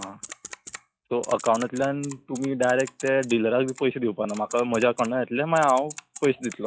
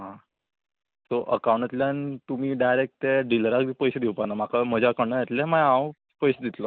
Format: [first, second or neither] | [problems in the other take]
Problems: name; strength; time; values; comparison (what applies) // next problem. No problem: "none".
second | noise reduction (classical method log-MMSE)